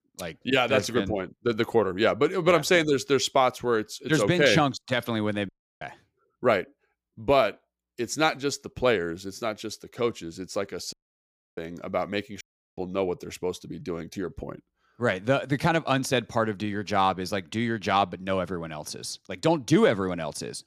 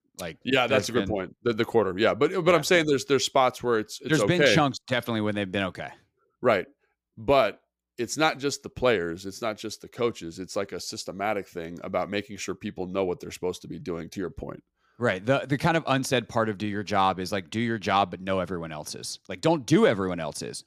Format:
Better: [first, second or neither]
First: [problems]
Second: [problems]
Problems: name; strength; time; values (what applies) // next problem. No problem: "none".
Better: second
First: audio cutting out; at 5.5 s, at 11 s for 0.5 s and at 12 s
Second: none